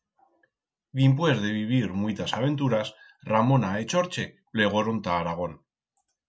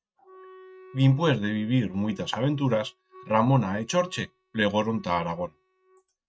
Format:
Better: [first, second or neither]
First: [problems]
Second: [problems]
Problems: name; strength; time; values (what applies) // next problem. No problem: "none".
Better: first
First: none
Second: noise reduction (neural mask model RNNoise)